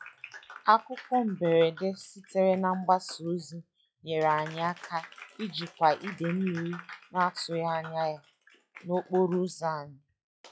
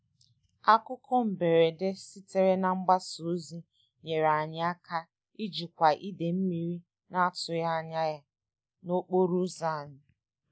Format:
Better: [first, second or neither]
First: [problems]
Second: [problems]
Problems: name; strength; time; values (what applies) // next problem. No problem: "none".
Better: second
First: noise reduction (classical method log-MMSE)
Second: none